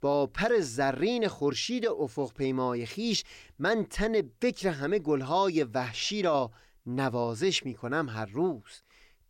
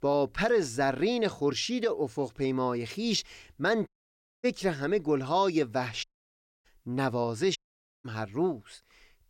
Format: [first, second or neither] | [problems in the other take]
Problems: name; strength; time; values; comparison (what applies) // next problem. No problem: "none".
first | audio cutting out; at 4 s for 0.5 s, at 6 s for 0.5 s and at 7.5 s